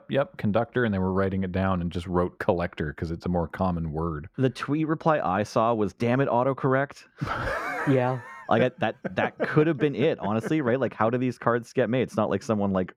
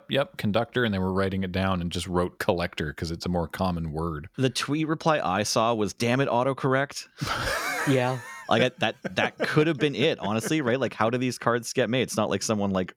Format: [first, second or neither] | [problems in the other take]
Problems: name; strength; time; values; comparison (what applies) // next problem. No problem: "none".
second | muffled; slightly; fading above 2.5 kHz